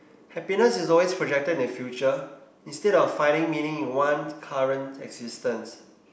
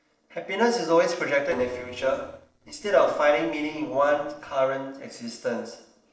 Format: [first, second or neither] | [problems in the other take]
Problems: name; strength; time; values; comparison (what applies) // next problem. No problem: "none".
first | noise reduction (neural separator model SepFormer DNS4)